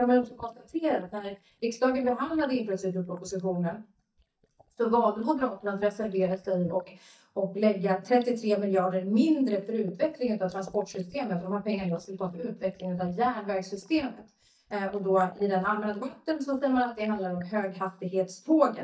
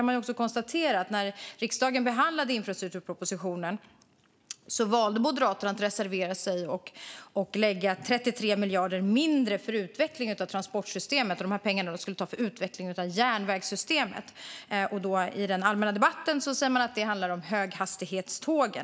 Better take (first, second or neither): second